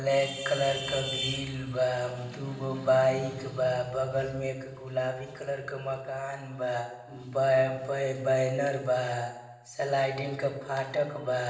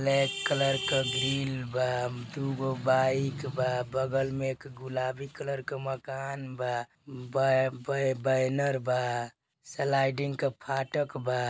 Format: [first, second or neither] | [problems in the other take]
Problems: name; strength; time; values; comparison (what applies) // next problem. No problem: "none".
second | room echo; dies away in 1.1 s